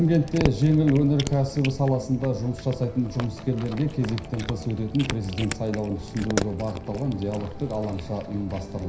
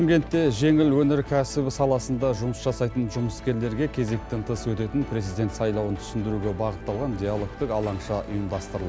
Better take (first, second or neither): second